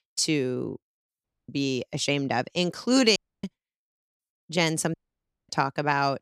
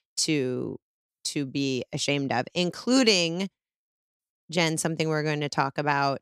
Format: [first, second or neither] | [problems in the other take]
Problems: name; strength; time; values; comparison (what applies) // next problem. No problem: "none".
second | audio cutting out; at 1 s, at 3 s and at 5 s for 0.5 s